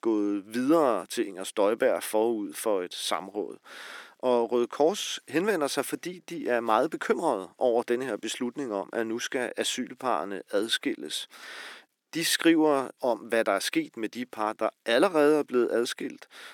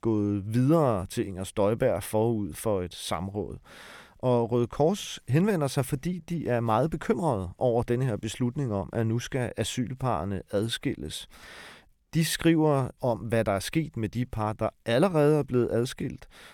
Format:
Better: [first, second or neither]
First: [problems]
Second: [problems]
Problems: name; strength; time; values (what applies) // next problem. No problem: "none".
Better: second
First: thin; somewhat; fading below 300 Hz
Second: none